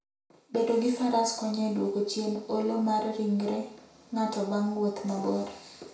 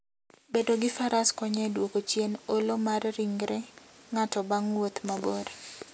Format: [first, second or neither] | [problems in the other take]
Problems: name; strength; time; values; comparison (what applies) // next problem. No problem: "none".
second | room echo; dies away in 0.6 s